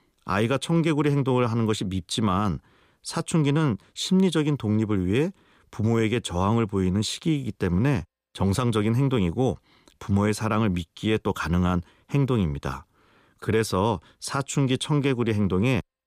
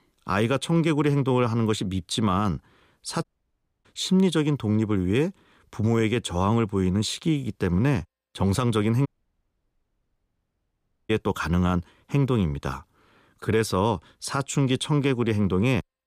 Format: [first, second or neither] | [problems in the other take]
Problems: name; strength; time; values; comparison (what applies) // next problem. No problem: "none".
first | audio cutting out; at 3 s for 0.5 s and at 9 s for 2 s